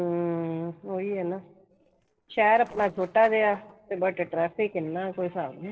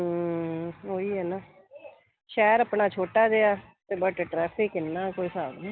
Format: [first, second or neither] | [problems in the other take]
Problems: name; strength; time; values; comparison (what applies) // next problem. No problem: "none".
second | noise reduction (neural separator model SepFormer DNS4)